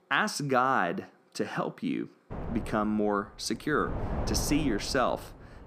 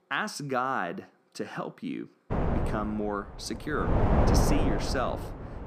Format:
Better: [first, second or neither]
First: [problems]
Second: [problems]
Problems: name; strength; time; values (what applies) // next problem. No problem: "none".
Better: first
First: wind noise on the microphone; occasional gusts; from 2.5 s on; 10 dB below the speech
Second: wind noise on the microphone; heavy; from 2.5 s on; as loud as the speech